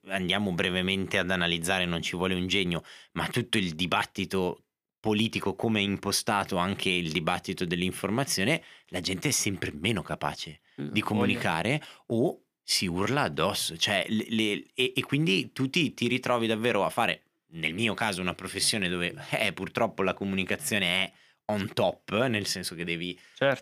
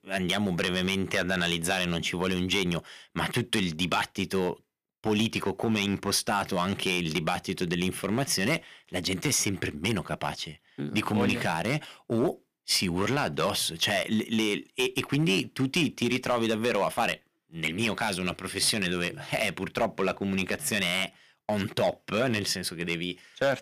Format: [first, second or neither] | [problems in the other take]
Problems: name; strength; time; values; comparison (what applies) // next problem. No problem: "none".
first | distortion; slight; 3% of the sound clipped